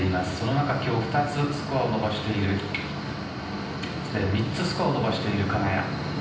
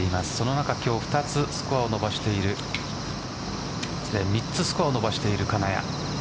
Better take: second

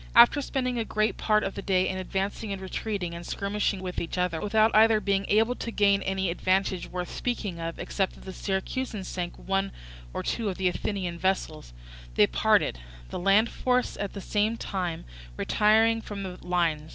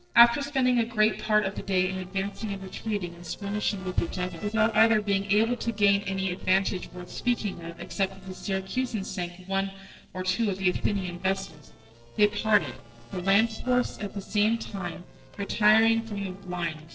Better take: first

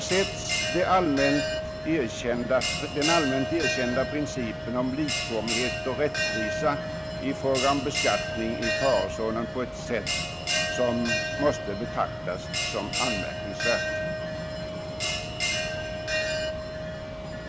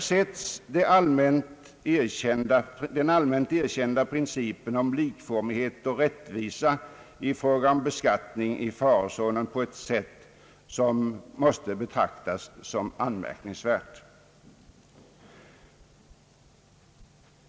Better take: second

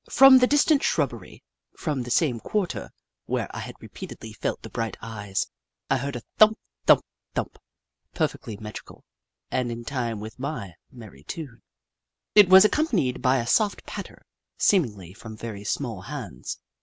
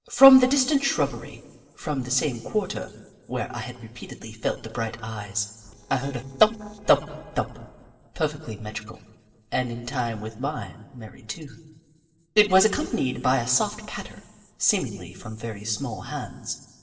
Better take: first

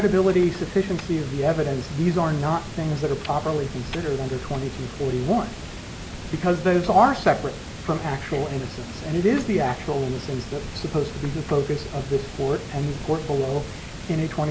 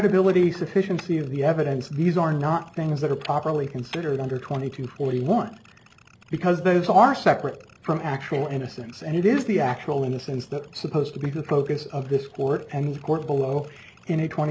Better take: second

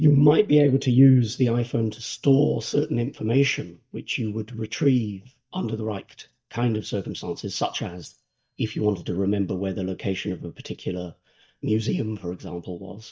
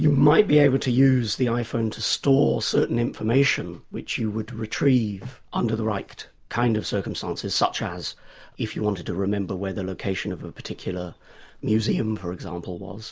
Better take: second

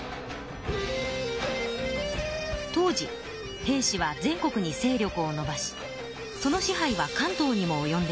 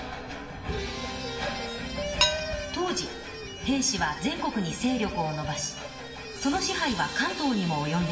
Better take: first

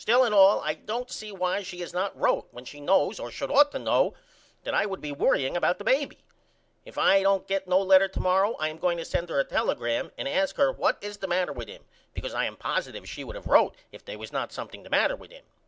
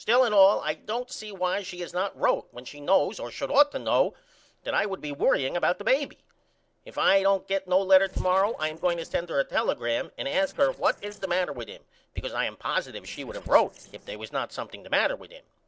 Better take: first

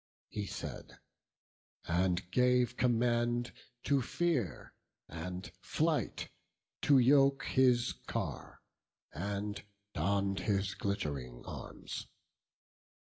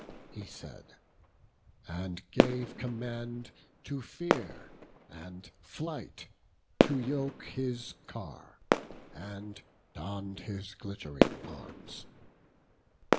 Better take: first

